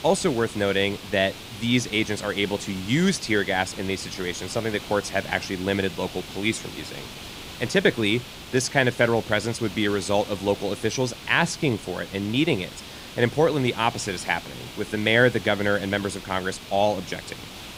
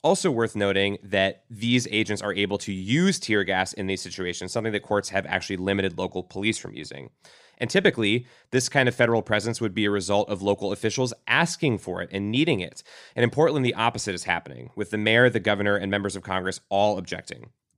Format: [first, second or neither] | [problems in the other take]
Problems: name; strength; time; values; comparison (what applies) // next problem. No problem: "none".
second | hiss; noticeable; throughout; 15 dB below the speech